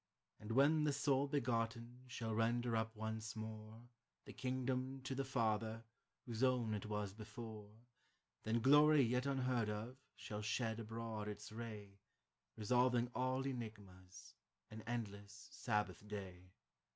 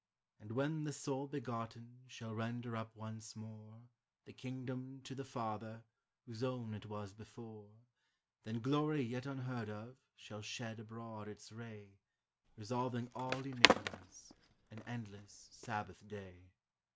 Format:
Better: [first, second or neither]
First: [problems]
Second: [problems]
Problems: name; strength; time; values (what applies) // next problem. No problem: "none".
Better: first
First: none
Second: background sound (Skateboard); 5 dB above the speech